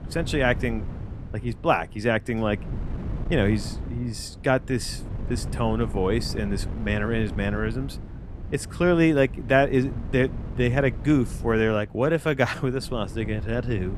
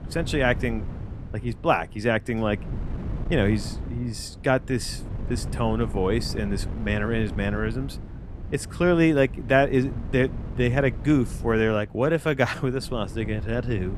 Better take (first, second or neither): neither